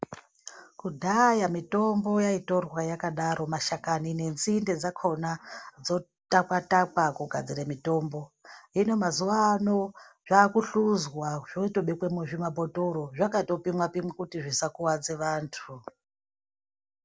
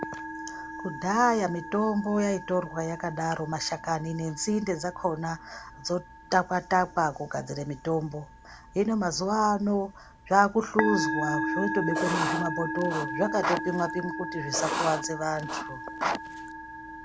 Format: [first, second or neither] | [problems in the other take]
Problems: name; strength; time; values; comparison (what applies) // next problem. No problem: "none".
first | background sound (Writing + Musical instrument); 6 dB below the speech